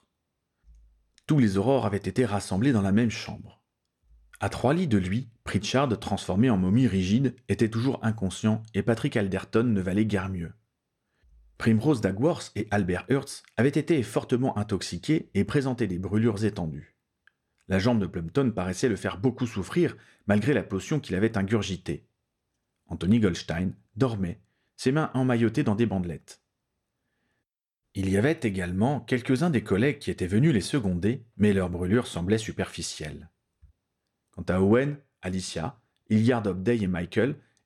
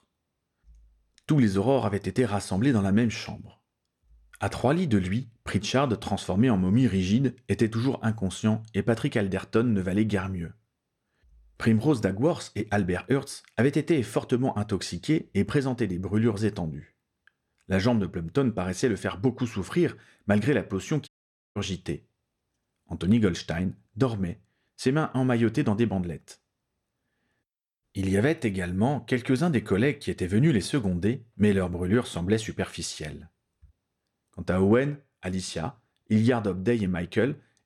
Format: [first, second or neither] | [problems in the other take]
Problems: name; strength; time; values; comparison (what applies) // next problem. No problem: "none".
first | audio cutting out; at 21 s